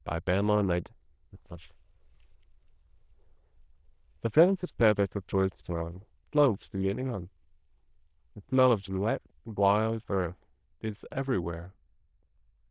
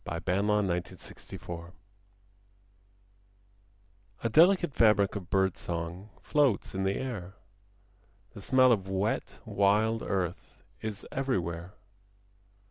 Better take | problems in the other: second | noise reduction (neural diffusion model UNIVERSE++)

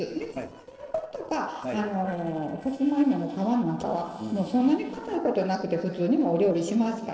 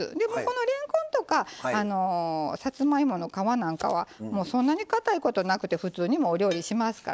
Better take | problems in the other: second | noise reduction (neural separator model SepFormer DNS4)

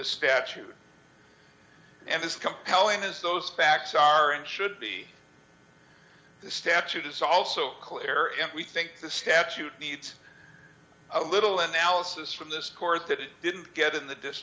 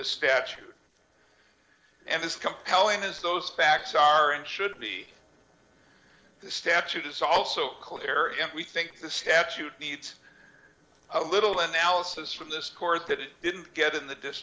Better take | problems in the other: first | noise reduction (neural separator model SepFormer DNS4)

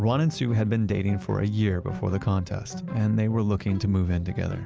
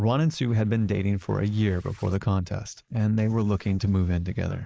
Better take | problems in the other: first | noise reduction (neural mask model Resemble Enhance denoiser)

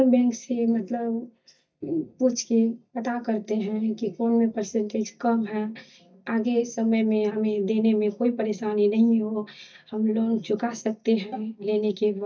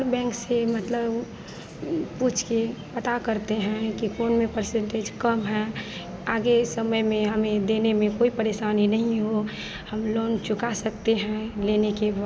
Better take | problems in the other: second | noise reduction (neural mask model DeepFilterNet 3)

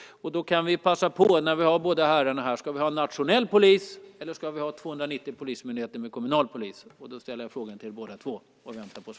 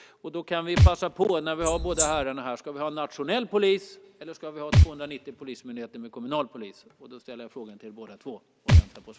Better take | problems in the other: first | background sound (Wild animals + Thump, thud); 3 dB above the speech

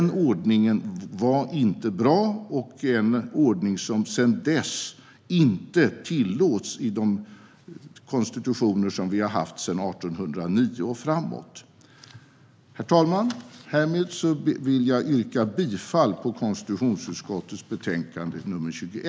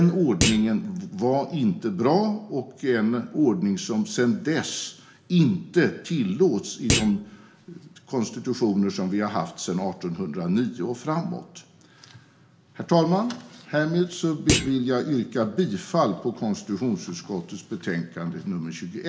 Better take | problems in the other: first | background sound (Thump, thud); 5 dB below the speech // room echo; dies away in 0.6 s

